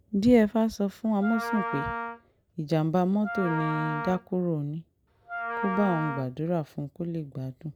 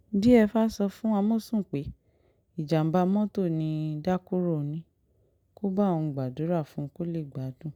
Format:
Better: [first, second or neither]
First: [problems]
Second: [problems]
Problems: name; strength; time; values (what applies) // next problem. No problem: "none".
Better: second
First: background sound (Wind instrument, woodwind instrument); 6 dB below the speech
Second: none